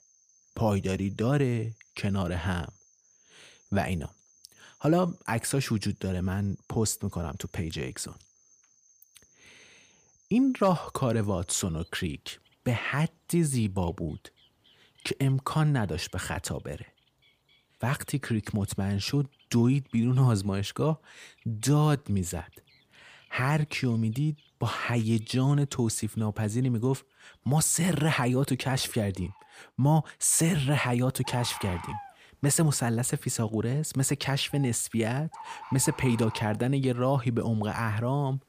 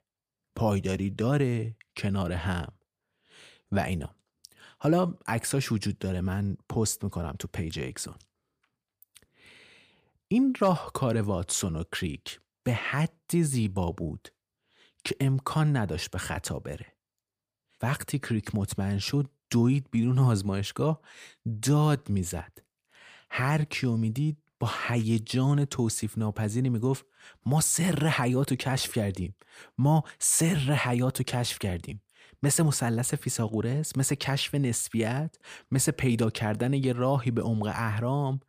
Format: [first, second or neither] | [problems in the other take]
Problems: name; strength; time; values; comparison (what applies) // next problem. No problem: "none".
second | animal sounds; faint; throughout; 25 dB below the speech